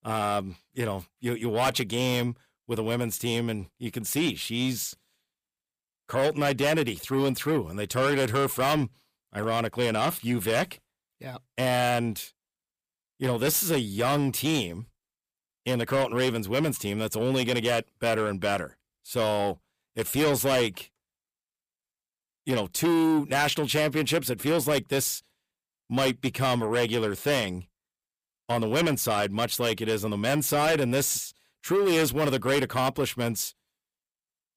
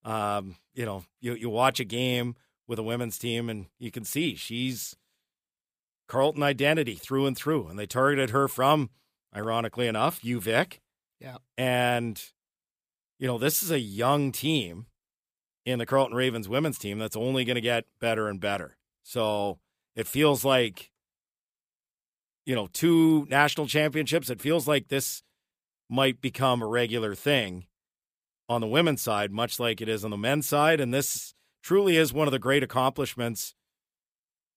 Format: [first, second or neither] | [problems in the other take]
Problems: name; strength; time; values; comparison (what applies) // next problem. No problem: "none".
second | distortion; heavy; 8 dB below the speech